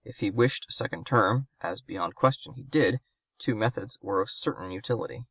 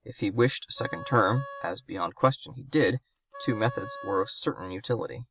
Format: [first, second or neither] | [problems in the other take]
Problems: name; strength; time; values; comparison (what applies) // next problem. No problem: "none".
first | background sound (Wind instrument, woodwind instrument); 15 dB below the speech